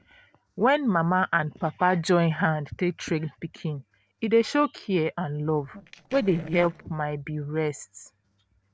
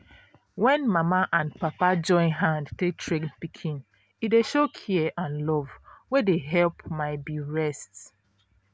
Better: second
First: noise reduction (neural separator model SepFormer DNS4)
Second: none

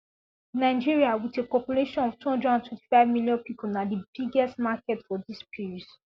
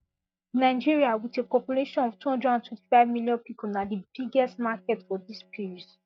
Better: first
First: none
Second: noise reduction (neural mask model DeepFilterNet 3)

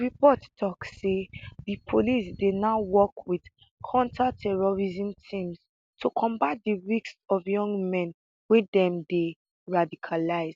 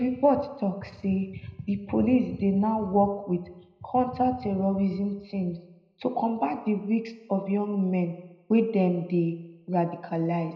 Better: first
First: none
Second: room echo; dies away in 0.7 s

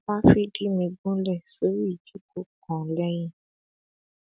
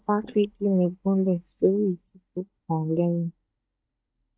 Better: first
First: none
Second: noise reduction (neural mask model DeepFilterNet 3)

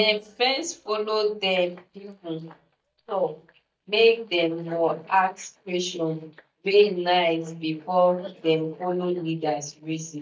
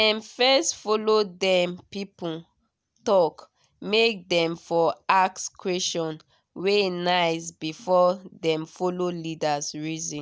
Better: second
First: noise reduction (neural mask model DeepFilterNet 3)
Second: none

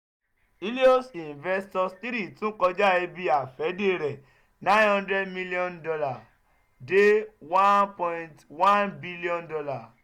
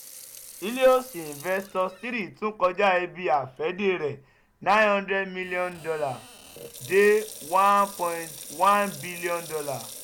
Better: first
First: none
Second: background sound (Sink (filling or washing) / Water tap, faucet); 18 dB below the speech

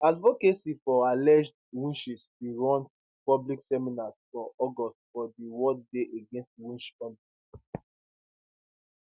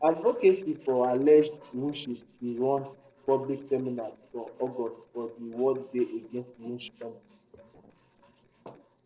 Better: first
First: none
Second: noise reduction (neural separator model SepFormer DNS4)

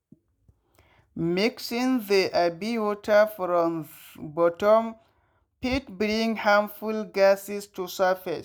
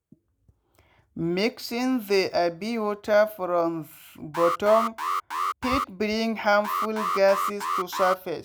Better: first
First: none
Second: background sound (Alarm); 3 dB below the speech

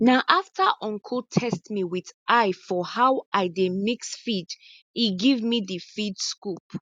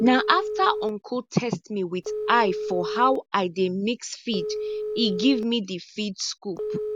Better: first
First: none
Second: background sound (Telephone); 7 dB below the speech

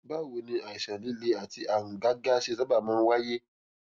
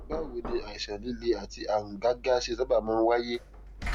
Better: first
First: none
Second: background sound (Knock); 11 dB below the speech

